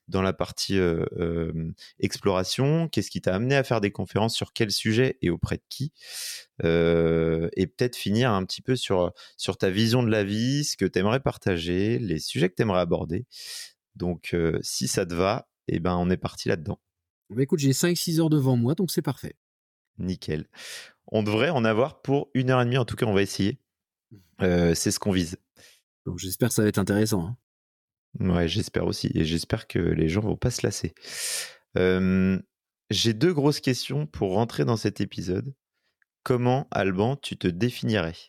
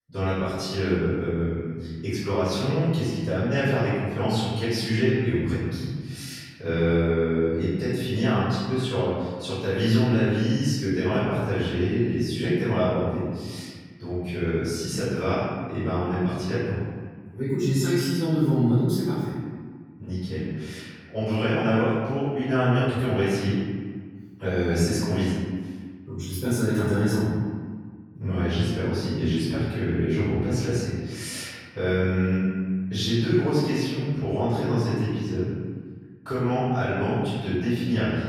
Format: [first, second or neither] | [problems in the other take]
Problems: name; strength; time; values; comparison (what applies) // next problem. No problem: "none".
first | room echo; strong; dies away in 1.6 s // off-mic speech; far